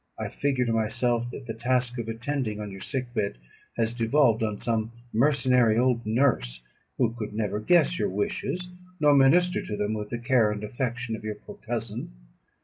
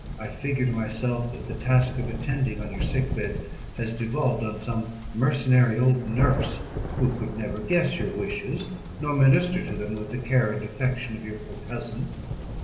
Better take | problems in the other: first | background sound (Thunder); 8 dB below the speech // room echo; dies away in 0.9 s

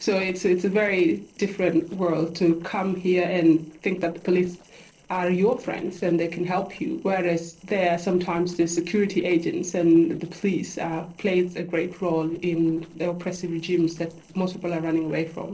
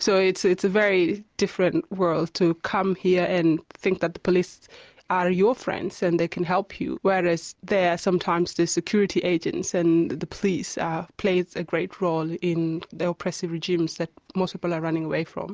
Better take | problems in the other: second | noise reduction (neural separator model SepFormer DNS4)

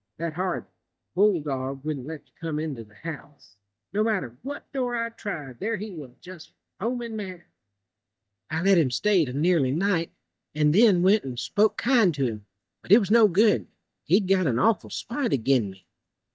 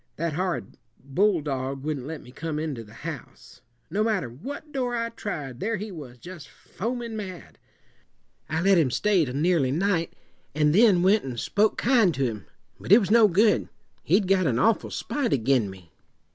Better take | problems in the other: second | noise reduction (neural mask model DeepFilterNet 3)

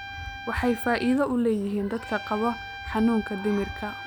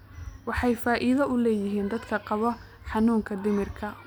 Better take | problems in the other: second | background sound (Trumpet); 13 dB below the speech

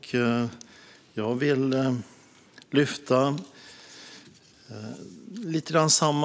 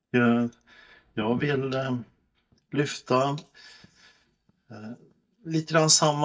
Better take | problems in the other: first | noise reduction (neural mask model DeepFilterNet 3)

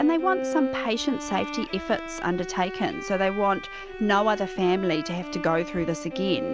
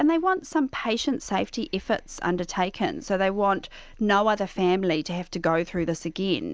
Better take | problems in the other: second | background sound (Bowed string instrument); 8 dB below the speech

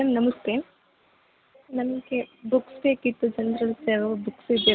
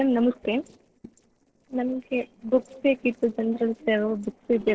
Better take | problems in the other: first | noise reduction (neural separator model SepFormer DNS4)

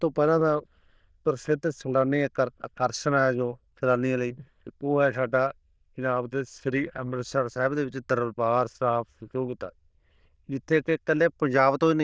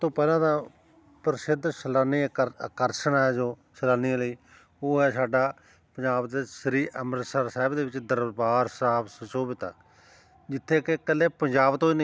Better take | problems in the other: second | noise reduction (neural diffusion model UNIVERSE++)

